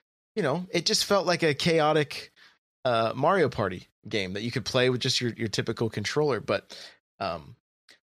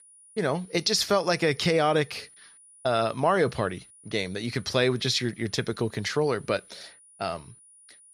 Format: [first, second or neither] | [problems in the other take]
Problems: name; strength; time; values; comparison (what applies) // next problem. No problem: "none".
first | high-pitched whine; faint; throughout; 9.5 kHz, 25 dB below the speech